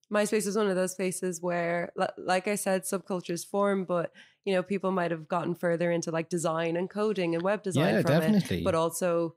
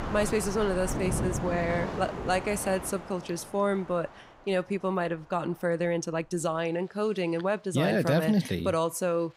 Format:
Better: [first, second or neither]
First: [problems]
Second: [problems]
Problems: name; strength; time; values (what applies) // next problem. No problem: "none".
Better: first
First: none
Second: rain or running water; loud; throughout; 7 dB below the speech